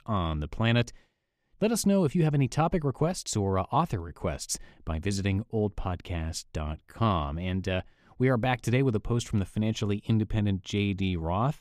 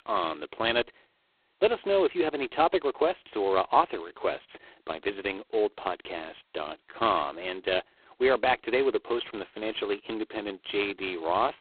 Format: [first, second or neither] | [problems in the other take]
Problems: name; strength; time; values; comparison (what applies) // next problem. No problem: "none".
first | phone-call audio; poor line; nothing above 4 kHz